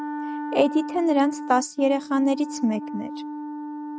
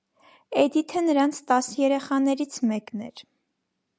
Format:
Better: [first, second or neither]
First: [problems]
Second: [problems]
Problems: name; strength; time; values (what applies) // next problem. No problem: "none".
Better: second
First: noise reduction (neural mask model RNNoise)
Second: none